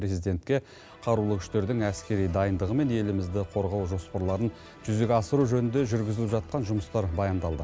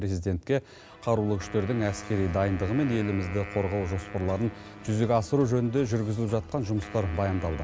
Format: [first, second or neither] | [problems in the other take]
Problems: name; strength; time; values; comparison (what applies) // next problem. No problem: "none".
first | background sound (Wind instrument, woodwind instrument); 16 dB below the speech